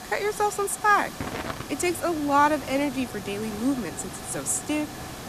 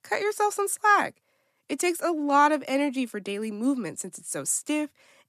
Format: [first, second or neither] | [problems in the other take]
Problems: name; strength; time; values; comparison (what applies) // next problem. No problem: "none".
second | hiss; noticeable; throughout; 10 dB below the speech